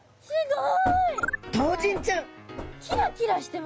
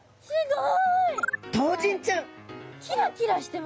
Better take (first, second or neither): second